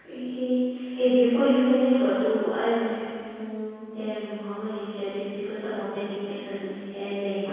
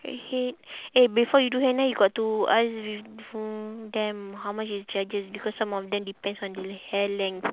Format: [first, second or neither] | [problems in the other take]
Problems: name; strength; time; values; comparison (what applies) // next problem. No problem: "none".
second | room echo; dies away in 2 s